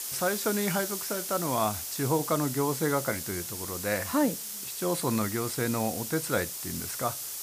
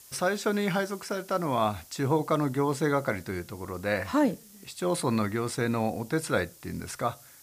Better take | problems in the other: second | hiss; loud; throughout; 4 dB below the speech; faint in the second

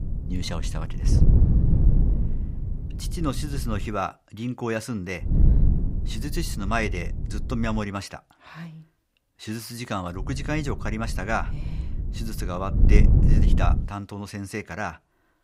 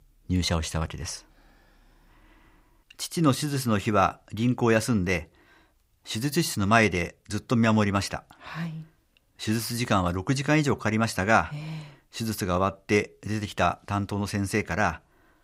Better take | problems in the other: second | wind noise on the microphone; heavy; until 4 s, from 5.5 to 8 s and from 10 to 14 s; 7 dB below the speech

